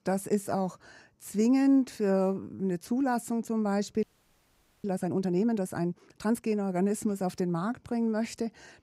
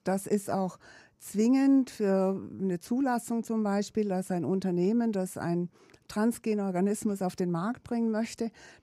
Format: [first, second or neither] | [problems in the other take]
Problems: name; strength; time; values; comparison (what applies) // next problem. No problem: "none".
second | audio freezing; at 4 s for 1 s